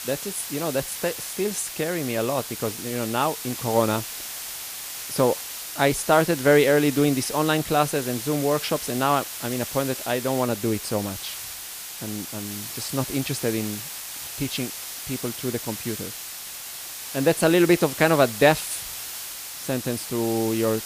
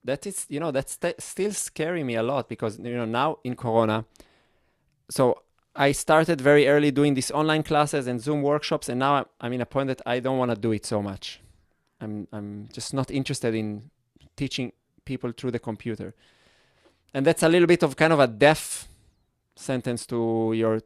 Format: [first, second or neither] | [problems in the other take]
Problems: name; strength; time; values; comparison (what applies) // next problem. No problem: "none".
second | hiss; loud; throughout; 8 dB below the speech